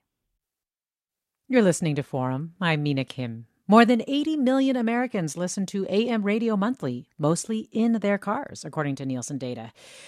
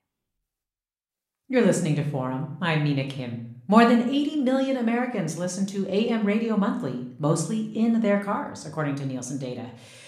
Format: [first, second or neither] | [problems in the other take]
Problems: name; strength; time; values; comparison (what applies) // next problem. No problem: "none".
first | room echo; slight; dies away in 0.5 s